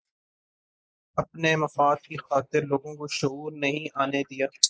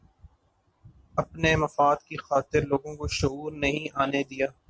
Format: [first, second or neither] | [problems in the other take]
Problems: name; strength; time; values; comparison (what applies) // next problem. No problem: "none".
second | noise reduction (neural mask model Resemble Enhance denoiser)